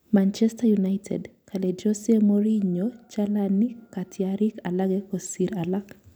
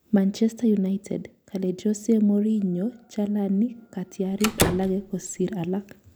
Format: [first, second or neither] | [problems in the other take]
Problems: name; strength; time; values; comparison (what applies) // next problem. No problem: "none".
first | background sound (Slam); 4 dB below the speech